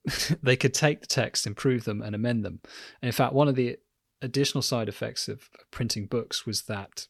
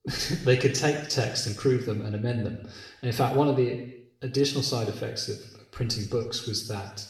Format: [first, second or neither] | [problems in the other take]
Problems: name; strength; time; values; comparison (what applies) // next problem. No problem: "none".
first | room echo; noticeable; dies away in 0.8 s // off-mic speech; somewhat distant